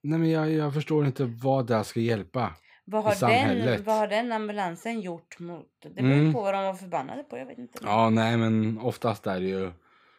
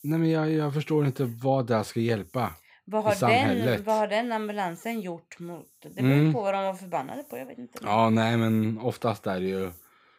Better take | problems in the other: first | hiss; faint; throughout; 30 dB below the speech

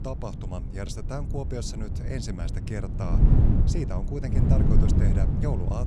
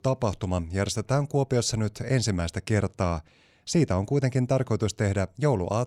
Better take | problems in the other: second | wind noise on the microphone; heavy; 1 dB above the speech

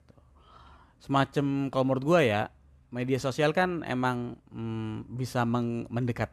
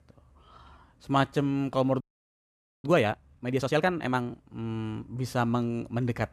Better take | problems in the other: first | audio freezing; at 2 s for 1 s

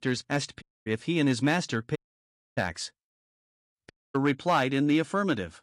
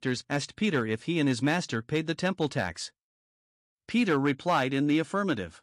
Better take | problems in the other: second | audio cutting out; at 0.5 s, at 2 s for 0.5 s and at 4 s

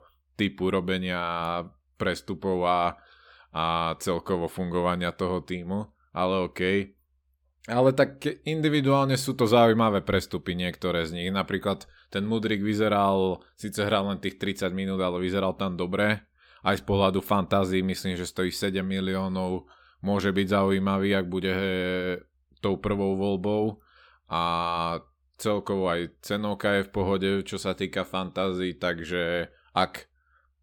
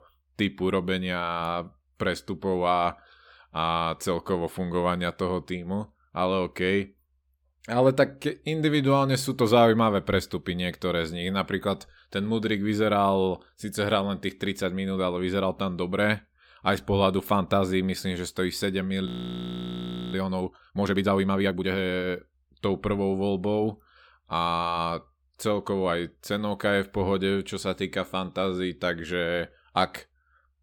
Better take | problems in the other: first | audio freezing; at 19 s for 1 s

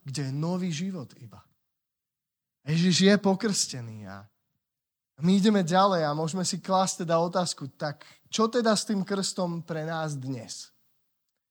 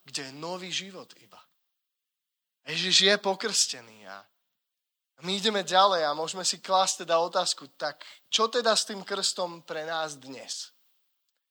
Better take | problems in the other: first | thin; very; fading below 500 Hz

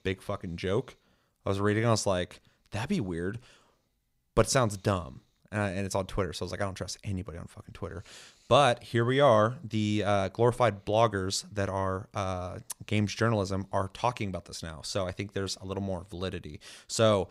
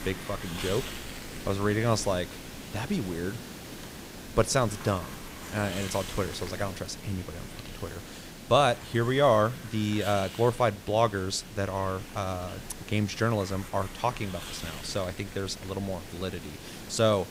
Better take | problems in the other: first | hiss; noticeable; throughout; 10 dB below the speech

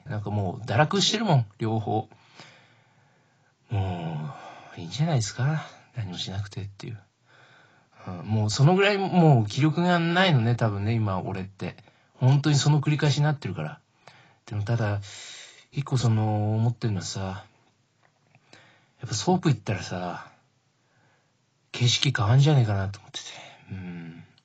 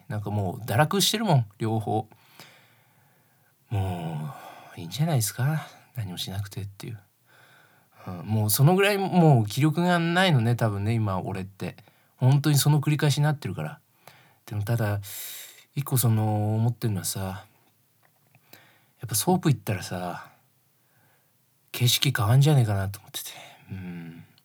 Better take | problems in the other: second | garbled, watery; badly; nothing above 7.5 kHz

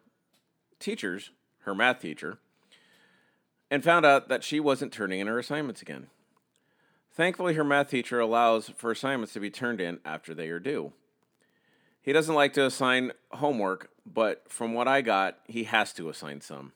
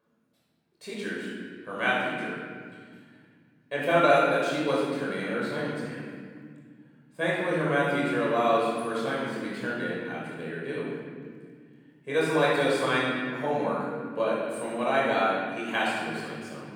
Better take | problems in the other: first | room echo; strong; dies away in 2 s // off-mic speech; far

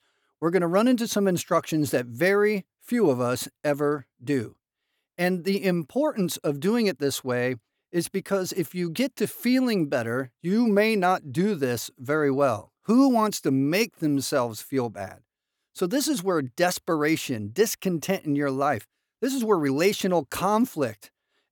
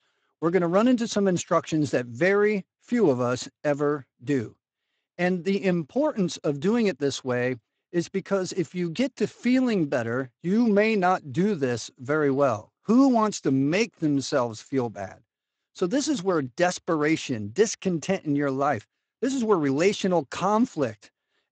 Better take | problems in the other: first | garbled, watery; slightly; nothing above 7.5 kHz

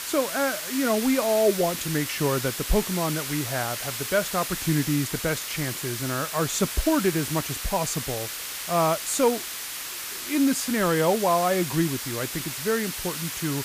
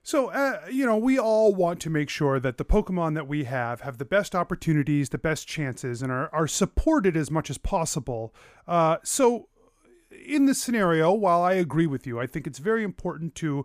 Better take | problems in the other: second | hiss; loud; throughout; 5 dB below the speech

